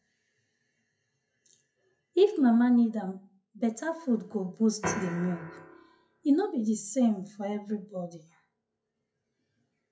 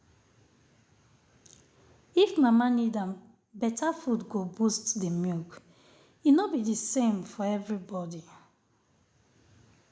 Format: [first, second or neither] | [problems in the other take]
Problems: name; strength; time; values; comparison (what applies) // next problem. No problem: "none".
second | noise reduction (classical method WPE with log-MMSE)